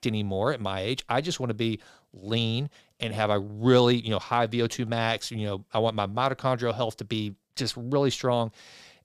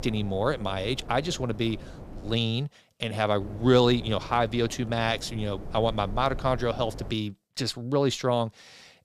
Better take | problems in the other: first | wind noise on the microphone; occasional gusts; until 2.5 s and from 3.5 to 7 s; 20 dB below the speech

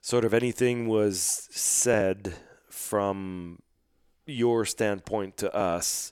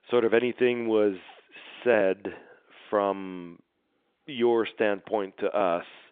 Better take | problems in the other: first | phone-call audio; nothing above 3.5 kHz

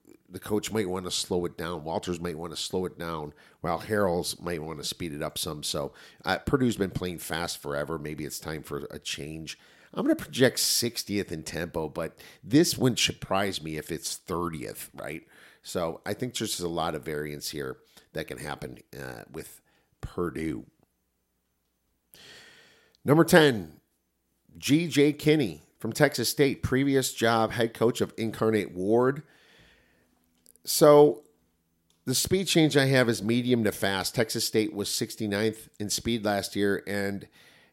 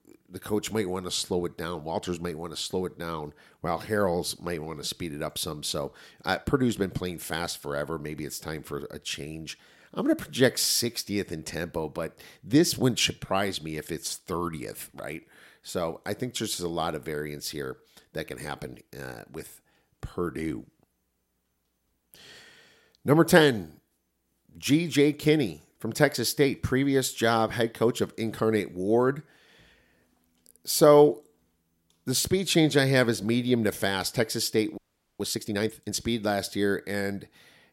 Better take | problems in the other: first | audio freezing; at 35 s

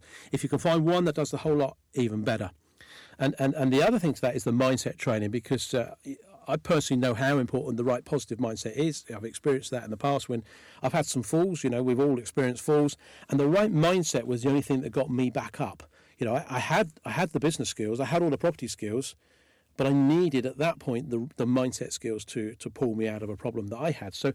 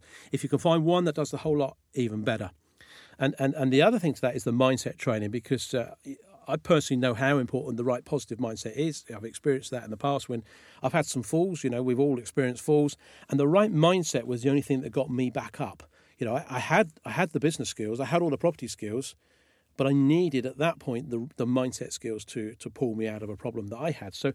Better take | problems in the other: second | distortion; slight; 4% of the sound clipped

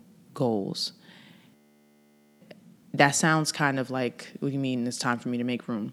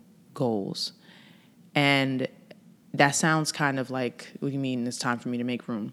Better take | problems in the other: second | audio freezing; at 1.5 s for 1 s

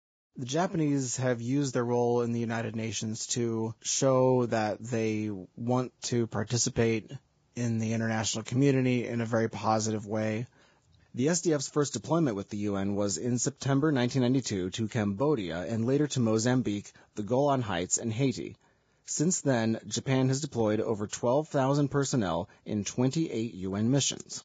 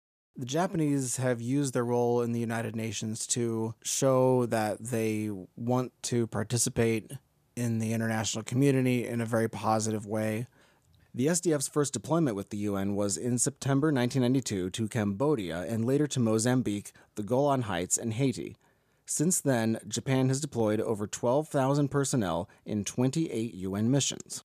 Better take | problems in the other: second | garbled, watery; badly; nothing above 7.5 kHz

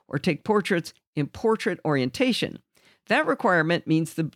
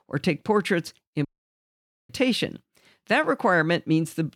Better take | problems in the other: first | audio cutting out; at 1.5 s for 1 s

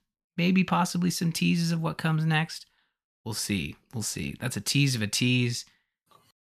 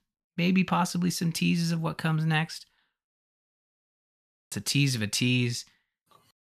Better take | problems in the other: first | audio cutting out; at 3 s for 1.5 s

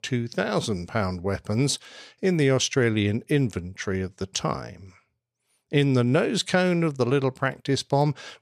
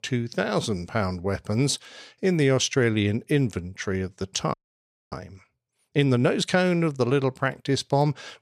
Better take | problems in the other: first | audio freezing; at 4.5 s for 0.5 s

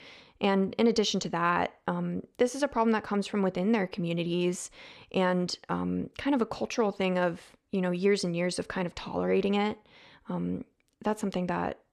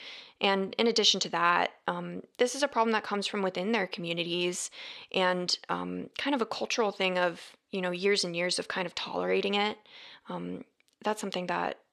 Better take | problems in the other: first | thin; very slightly; fading below 1 kHz

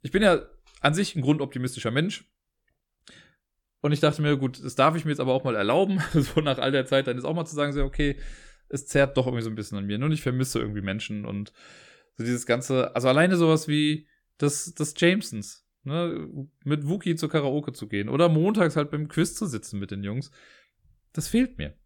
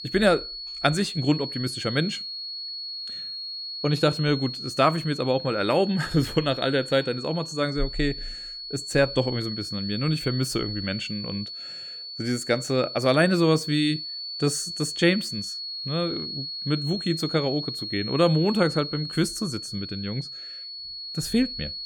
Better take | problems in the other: first | high-pitched whine; loud; throughout; 4.5 kHz, 7 dB below the speech

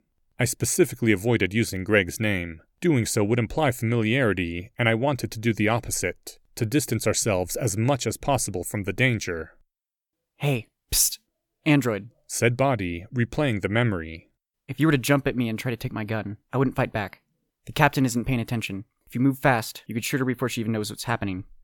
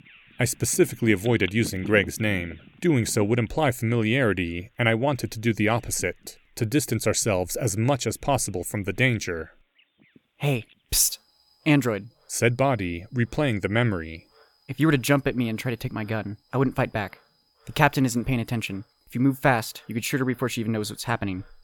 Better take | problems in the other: first | animal sounds; noticeable; throughout; 20 dB below the speech

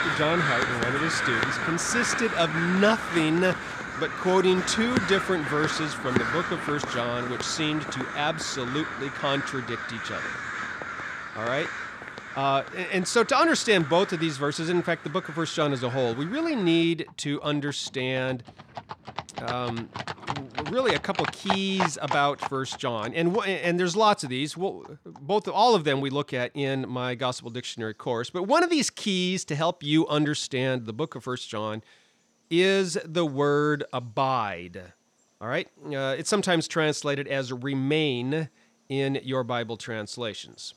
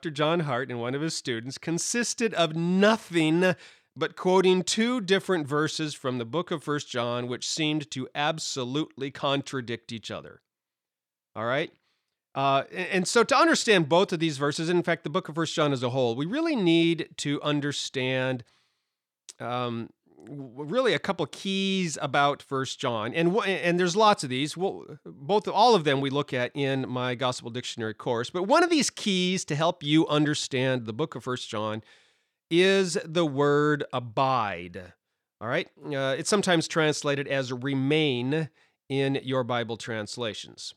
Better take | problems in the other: second | animal sounds; loud; throughout; 5 dB below the speech

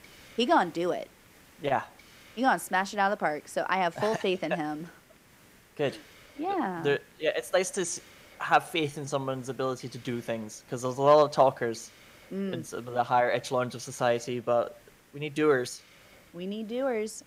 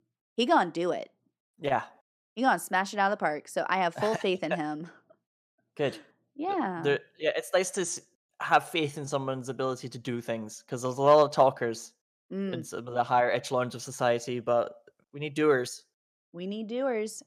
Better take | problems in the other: second | hiss; faint; throughout; 25 dB below the speech

